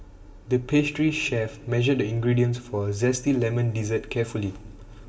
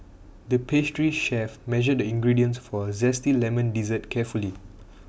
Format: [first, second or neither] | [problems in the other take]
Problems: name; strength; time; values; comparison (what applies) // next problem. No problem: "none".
second | room echo; dies away in 2.8 s